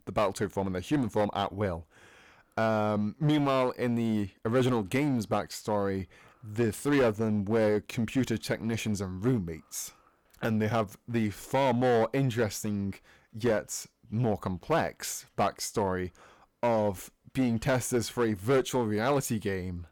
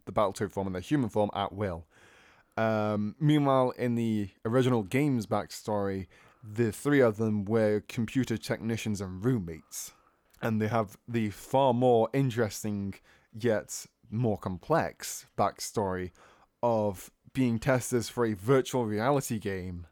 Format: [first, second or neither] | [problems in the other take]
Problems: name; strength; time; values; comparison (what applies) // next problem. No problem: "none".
second | distortion; slight; 7% of the sound clipped